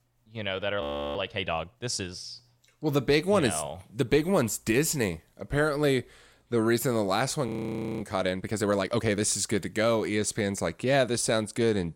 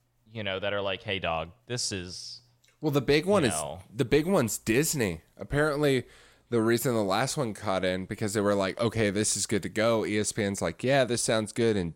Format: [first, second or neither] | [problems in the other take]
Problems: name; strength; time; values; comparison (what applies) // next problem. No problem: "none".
second | audio freezing; at 1 s and at 7.5 s for 0.5 s